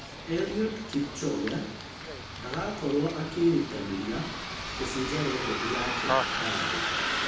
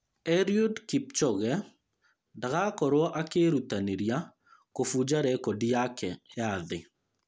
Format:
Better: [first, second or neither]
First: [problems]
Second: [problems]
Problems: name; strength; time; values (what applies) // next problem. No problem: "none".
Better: second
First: background sound (Bus); 2 dB below the speech // room echo; dies away in 0.9 s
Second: none